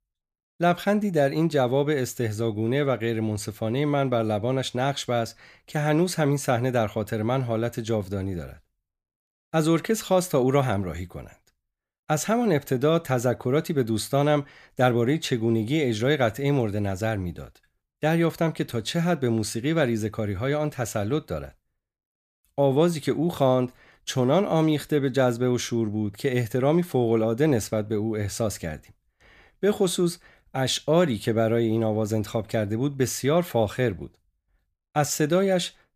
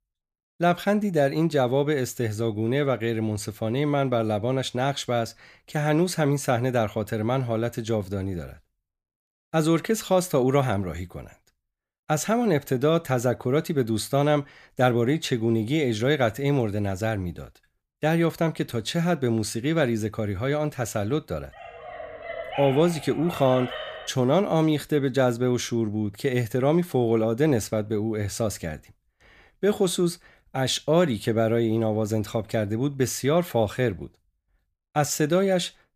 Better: first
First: none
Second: dog barking; noticeable; from 22 to 24 s; peak 8 dB below the speech

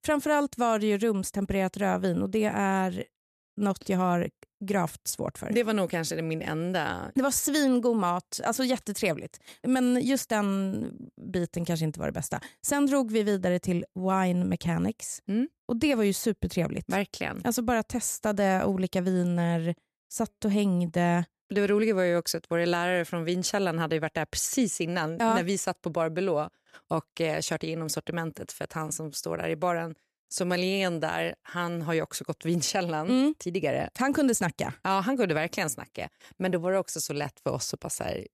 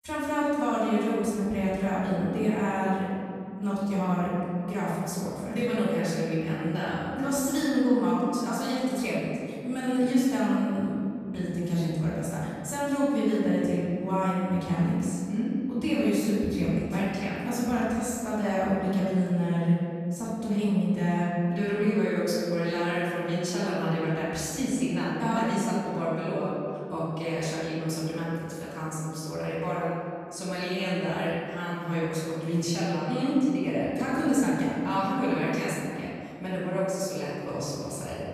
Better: first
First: none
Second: off-mic speech; far // room echo; strong; dies away in 2.3 s

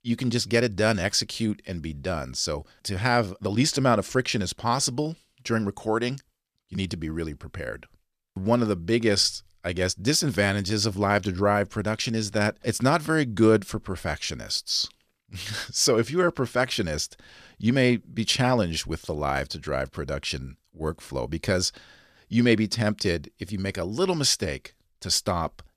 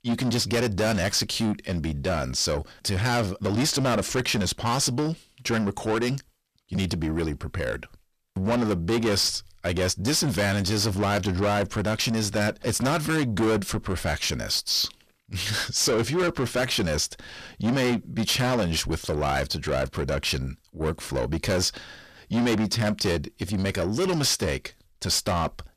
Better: first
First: none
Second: distortion; heavy; 6 dB below the speech

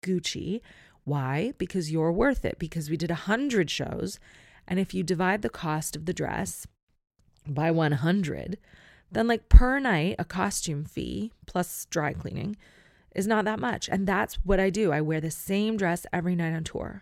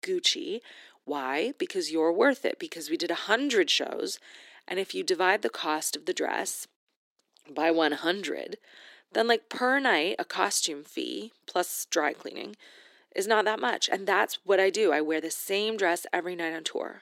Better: first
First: none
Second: thin; somewhat; fading below 300 Hz

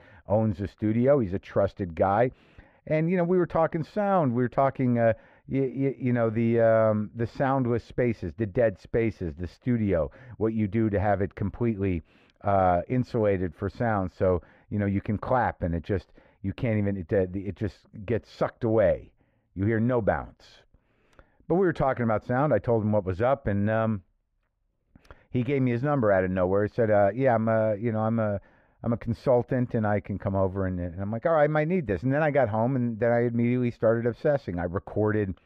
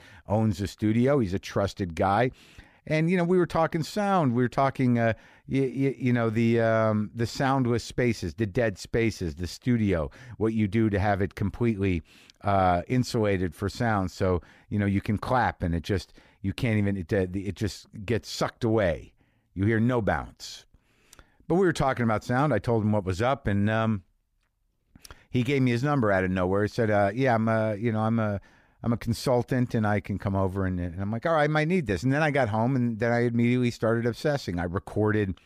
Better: second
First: muffled; very; fading above 4 kHz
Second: none

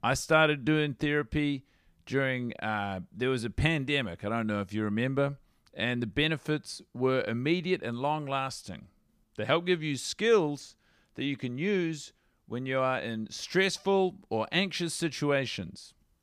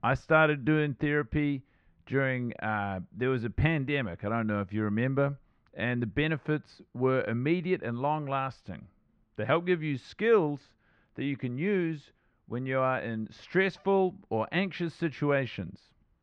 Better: first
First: none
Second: muffled; very; fading above 2 kHz

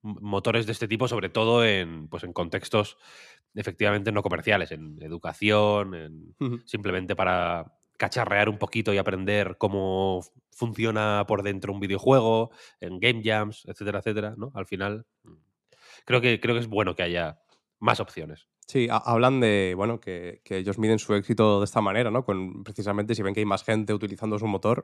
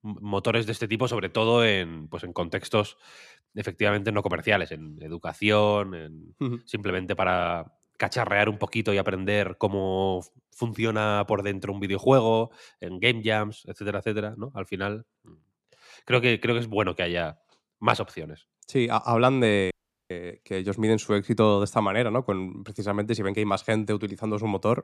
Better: first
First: none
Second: audio cutting out; at 20 s

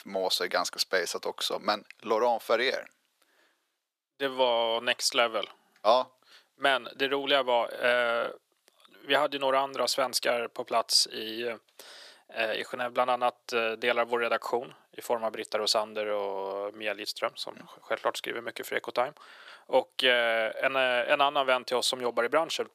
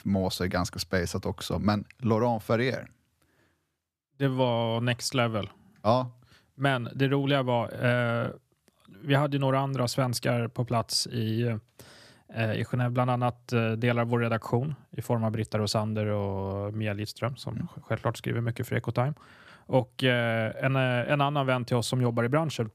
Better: second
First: thin; very; fading below 450 Hz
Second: none

